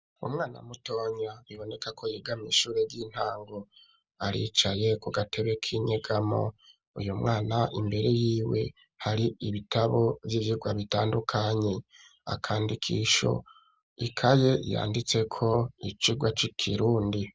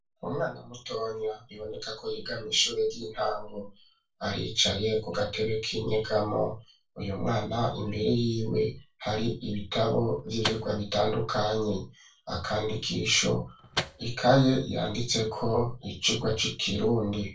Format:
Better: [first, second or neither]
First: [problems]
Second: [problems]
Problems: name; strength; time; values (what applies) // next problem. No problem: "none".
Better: first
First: none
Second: noise reduction (neural separator model SepFormer DNS4)